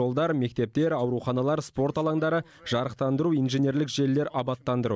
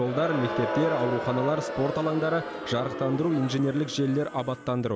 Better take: first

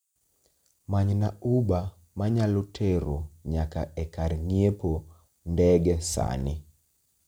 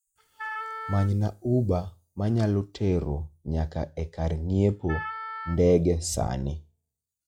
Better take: first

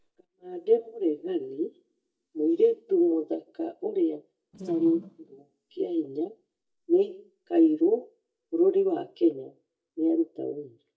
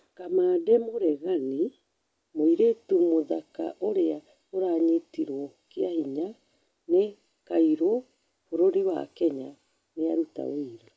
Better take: second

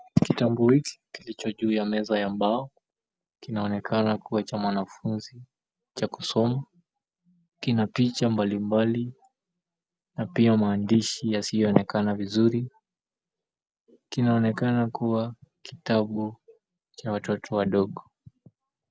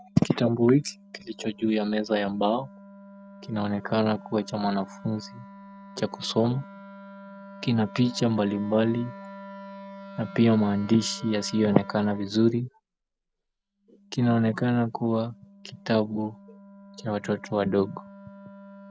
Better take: first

